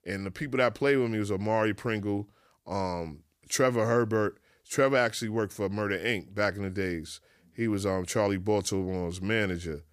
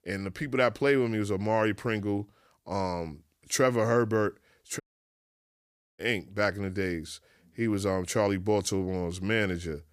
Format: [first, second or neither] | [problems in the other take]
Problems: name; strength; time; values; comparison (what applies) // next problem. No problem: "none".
first | audio cutting out; at 5 s for 1 s